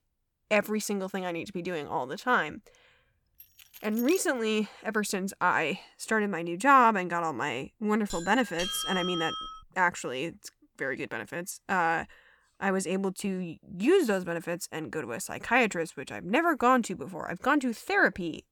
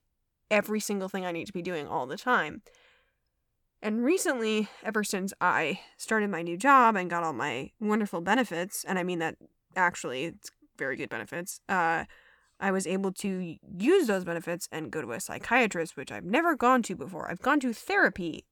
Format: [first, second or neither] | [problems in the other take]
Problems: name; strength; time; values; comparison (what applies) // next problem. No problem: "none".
second | jangling keys; faint; at 3.5 s; peak 10 dB below the speech // doorbell; noticeable; from 8 to 9.5 s; peak 3 dB below the speech